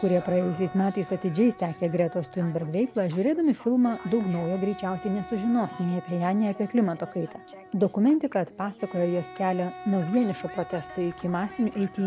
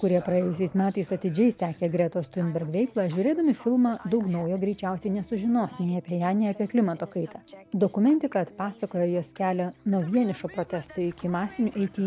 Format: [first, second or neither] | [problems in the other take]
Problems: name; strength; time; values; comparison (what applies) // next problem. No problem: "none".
second | background sound (Wind instrument, woodwind instrument); 18 dB below the speech